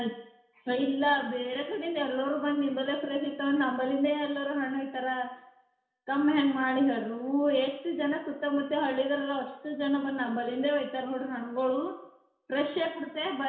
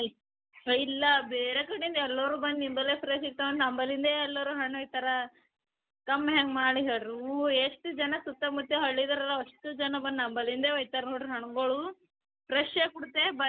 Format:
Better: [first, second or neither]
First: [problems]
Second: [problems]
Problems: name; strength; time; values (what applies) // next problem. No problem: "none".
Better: second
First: room echo; dies away in 0.7 s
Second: none